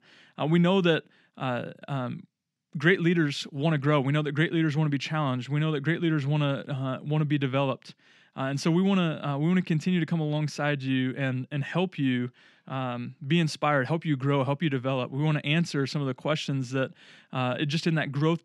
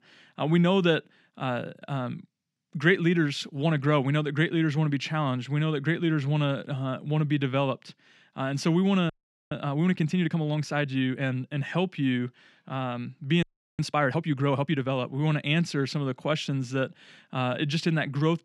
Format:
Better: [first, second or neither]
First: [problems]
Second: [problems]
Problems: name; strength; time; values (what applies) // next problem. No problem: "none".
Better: first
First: none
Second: audio freezing; at 9 s and at 13 s